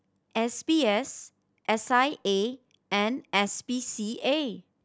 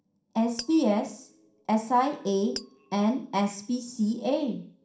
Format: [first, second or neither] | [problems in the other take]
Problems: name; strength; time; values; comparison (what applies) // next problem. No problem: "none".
first | noise reduction (neural separator model SepFormer DNS4)